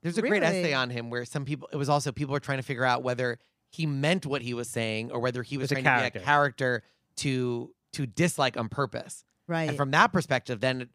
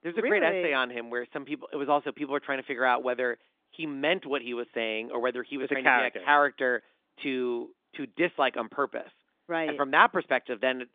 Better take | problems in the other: first | phone-call audio

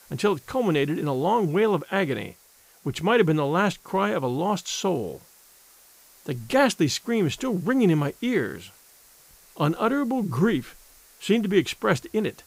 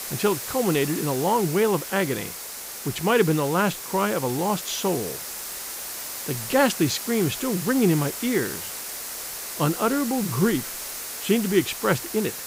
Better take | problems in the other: first | hiss; loud; throughout; 7 dB below the speech; faint in the first

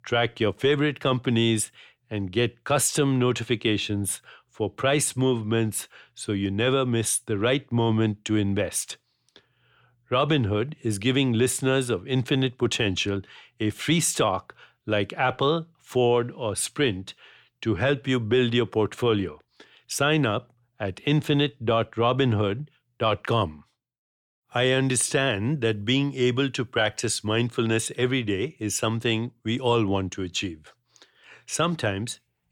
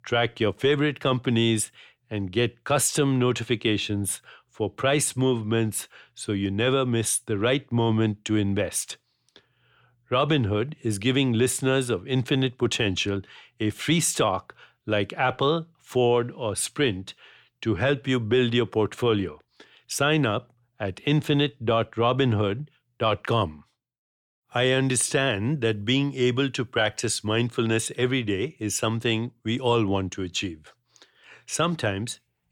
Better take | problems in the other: neither | none

